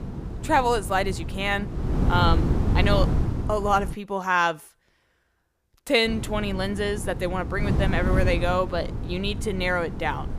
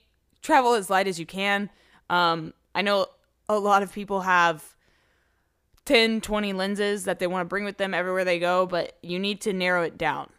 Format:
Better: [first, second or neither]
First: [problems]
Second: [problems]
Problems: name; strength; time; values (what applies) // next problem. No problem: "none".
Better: second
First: wind noise on the microphone; occasional gusts; until 4 s and from 6 s on; 10 dB below the speech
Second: none